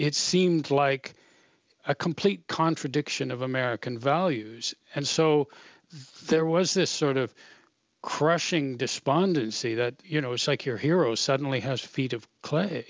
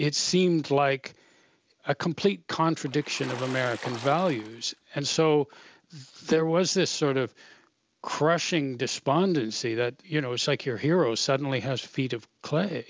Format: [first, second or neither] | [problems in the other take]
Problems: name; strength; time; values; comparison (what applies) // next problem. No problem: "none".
first | background sound (Water / Splash, splatter); 14 dB below the speech